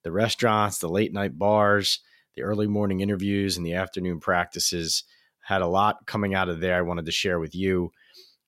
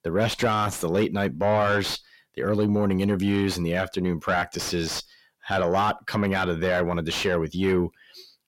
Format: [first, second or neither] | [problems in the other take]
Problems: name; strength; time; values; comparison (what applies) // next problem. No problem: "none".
first | distortion; heavy; 8 dB below the speech